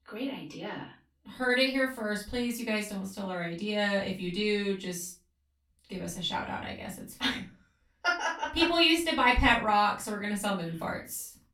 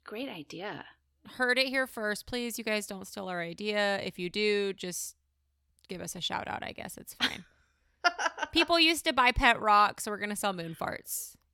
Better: second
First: room echo; slight; dies away in 0.3 s // off-mic speech; far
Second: none

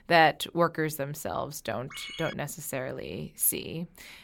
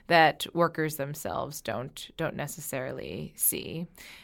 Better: second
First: phone ringing; noticeable; at 2 s; peak 9 dB below the speech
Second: none

